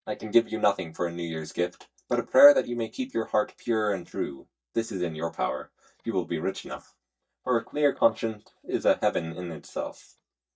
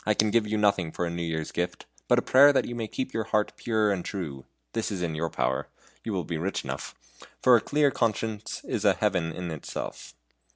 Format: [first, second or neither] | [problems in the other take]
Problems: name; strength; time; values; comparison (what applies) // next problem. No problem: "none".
second | noise reduction (neural mask model DeepFilterNet 3)